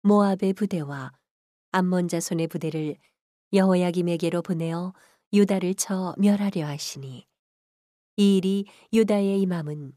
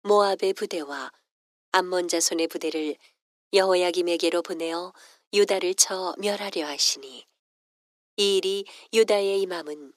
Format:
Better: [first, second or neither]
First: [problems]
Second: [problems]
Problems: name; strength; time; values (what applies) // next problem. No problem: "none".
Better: first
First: none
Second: thin; very; fading below 300 Hz